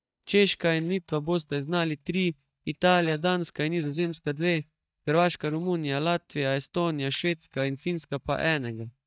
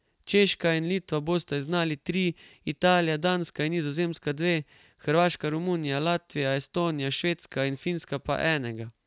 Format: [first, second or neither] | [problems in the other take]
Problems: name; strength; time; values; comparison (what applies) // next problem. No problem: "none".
second | noise reduction (neural mask model DeepFilterNet 3)